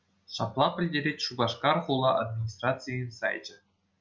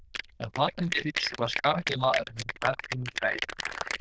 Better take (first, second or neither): first